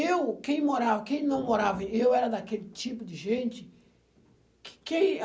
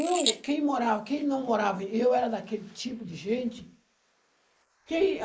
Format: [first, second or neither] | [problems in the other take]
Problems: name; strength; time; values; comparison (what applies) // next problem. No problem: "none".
first | noise reduction (neural mask model Resemble Enhance denoiser)